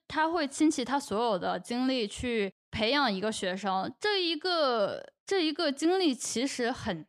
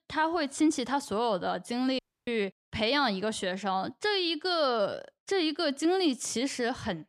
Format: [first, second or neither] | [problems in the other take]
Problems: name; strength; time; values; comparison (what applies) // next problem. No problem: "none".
first | audio cutting out; at 2 s